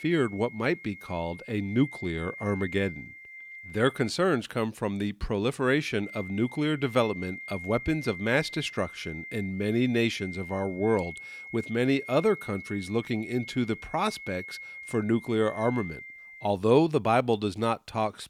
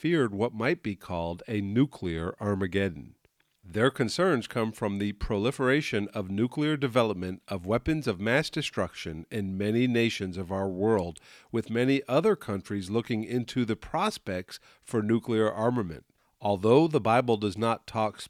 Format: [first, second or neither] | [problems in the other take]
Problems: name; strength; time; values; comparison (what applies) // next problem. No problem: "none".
second | high-pitched whine; noticeable; until 4 s and from 6 to 16 s; 2 kHz, 15 dB below the speech